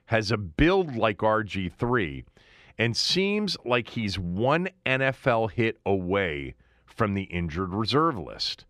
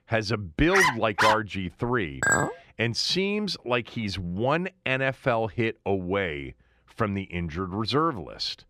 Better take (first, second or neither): first